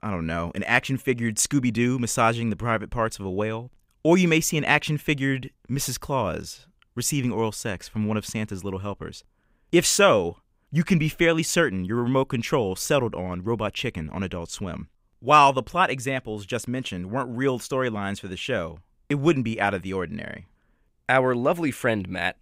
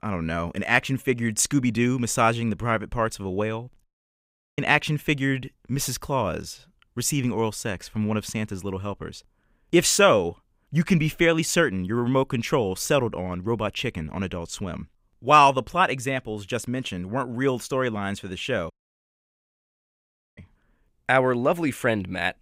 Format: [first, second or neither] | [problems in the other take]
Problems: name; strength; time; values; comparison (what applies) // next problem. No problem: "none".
first | audio cutting out; at 4 s for 0.5 s and at 19 s for 1.5 s